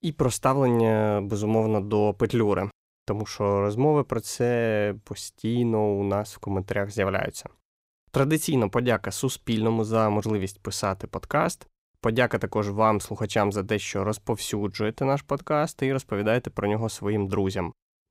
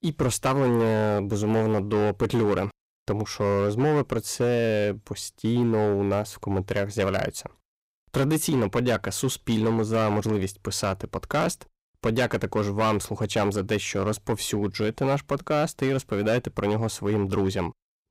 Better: first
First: none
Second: distortion; slight; 9% of the sound clipped

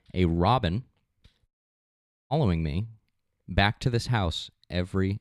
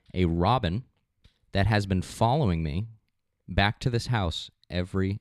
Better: second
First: audio cutting out; at 1.5 s for 1 s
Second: none

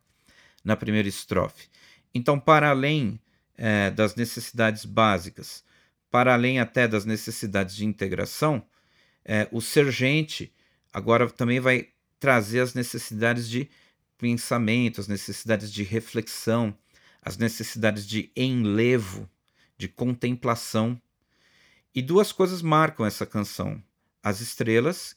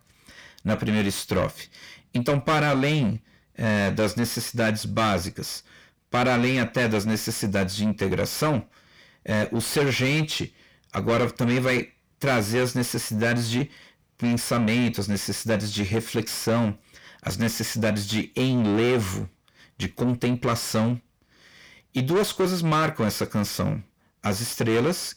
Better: first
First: none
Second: distortion; heavy; 6 dB below the speech

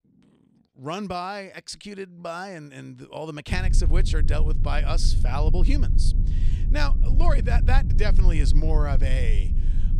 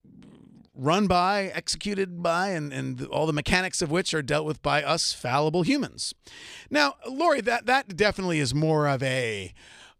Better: second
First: low rumble; noticeable; from 3.5 s on; 10 dB below the speech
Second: none

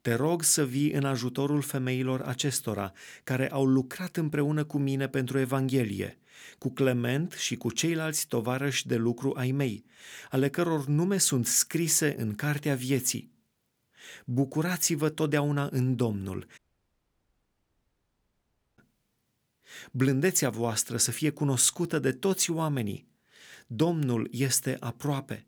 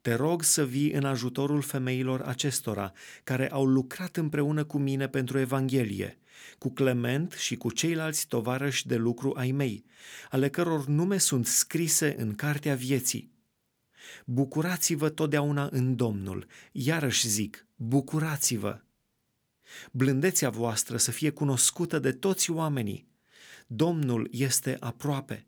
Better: second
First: audio cutting out; at 17 s for 2 s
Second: none

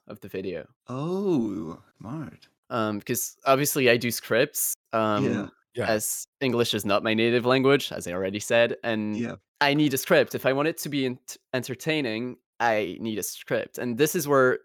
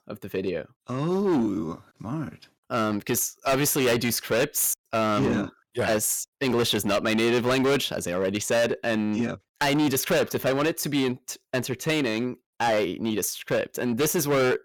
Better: first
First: none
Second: distortion; heavy; 13% of the sound clipped

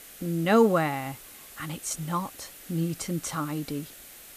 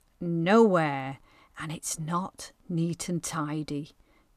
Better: second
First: hiss; noticeable; throughout; 15 dB below the speech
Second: none

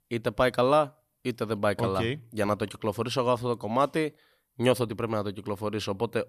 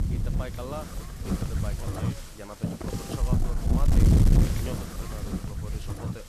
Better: first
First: none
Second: wind noise on the microphone; heavy; 5 dB above the speech

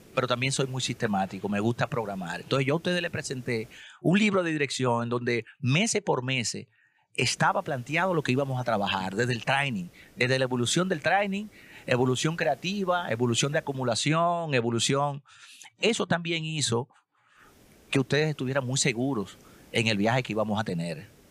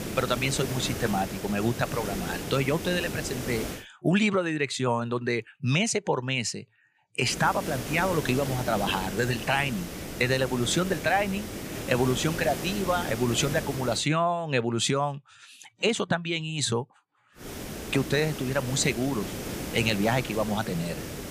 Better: first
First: hiss; faint; until 4 s, from 7.5 to 14 s and from 17 s on; 25 dB below the speech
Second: hiss; loud; until 4 s, from 7.5 to 14 s and from 17 s on; 8 dB below the speech

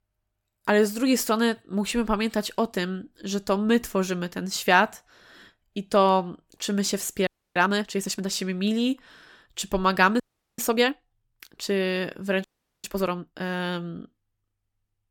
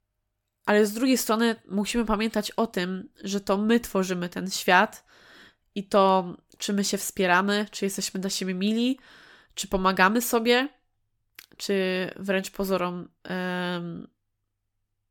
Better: second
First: audio freezing; at 7.5 s, at 10 s and at 12 s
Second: none

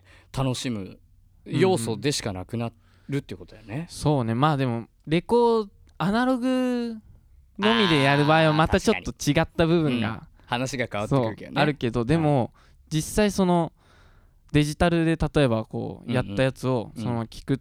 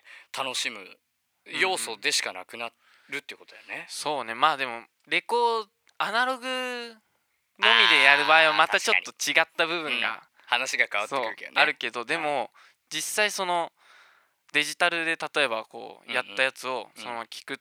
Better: first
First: none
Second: thin; very; fading below 800 Hz

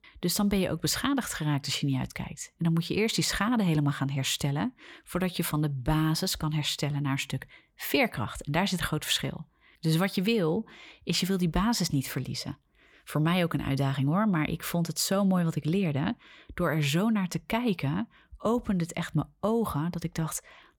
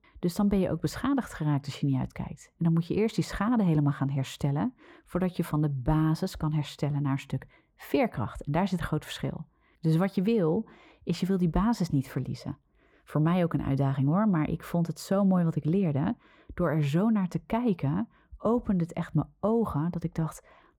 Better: first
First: none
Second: muffled; slightly; fading above 1.5 kHz

